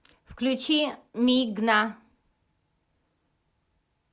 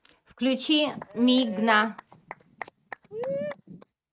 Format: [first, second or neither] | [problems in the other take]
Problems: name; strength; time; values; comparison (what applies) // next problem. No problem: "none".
first | noise reduction (neural mask model RNNoise)